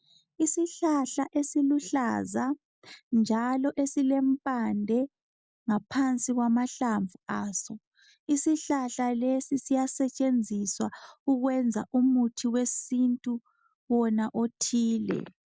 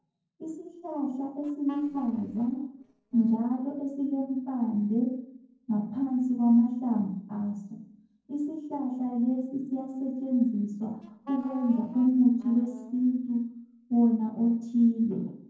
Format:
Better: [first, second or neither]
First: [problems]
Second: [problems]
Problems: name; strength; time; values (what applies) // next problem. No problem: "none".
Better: first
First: none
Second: noise reduction (neural separator model SepFormer DNS4)